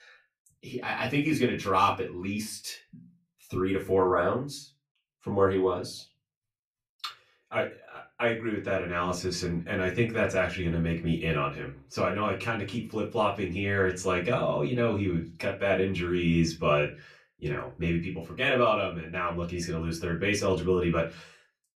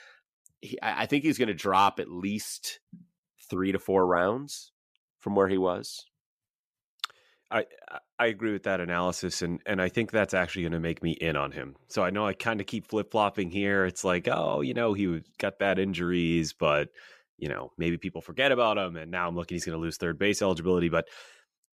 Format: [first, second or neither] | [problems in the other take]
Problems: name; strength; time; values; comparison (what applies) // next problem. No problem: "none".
second | off-mic speech; far // room echo; very slight; dies away in 0.3 s